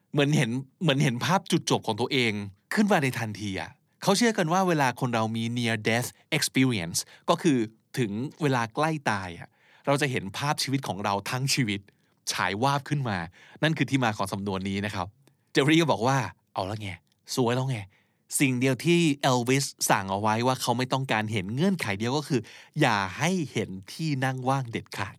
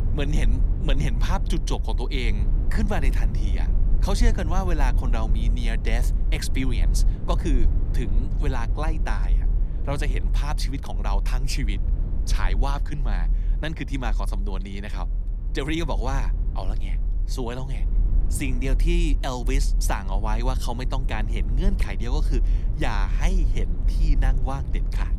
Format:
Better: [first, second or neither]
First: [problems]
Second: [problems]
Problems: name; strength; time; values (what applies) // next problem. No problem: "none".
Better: first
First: none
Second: low rumble; noticeable; throughout; 10 dB below the speech